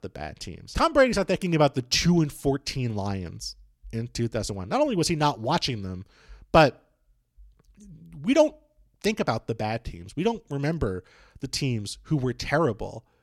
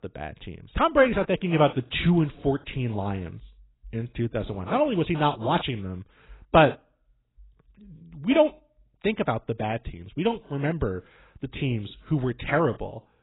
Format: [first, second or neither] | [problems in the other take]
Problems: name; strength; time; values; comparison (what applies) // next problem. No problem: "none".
first | garbled, watery; badly; nothing above 4 kHz